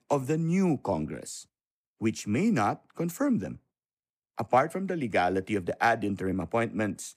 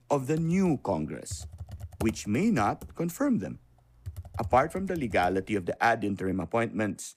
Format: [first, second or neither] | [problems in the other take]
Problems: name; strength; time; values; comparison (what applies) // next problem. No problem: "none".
first | keyboard typing; noticeable; until 5.5 s; peak 10 dB below the speech